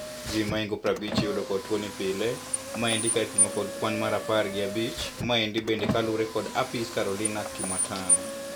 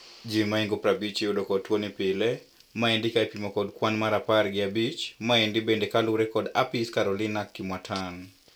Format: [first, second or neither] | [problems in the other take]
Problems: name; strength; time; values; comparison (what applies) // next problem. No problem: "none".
second | background sound (Car); 3 dB below the speech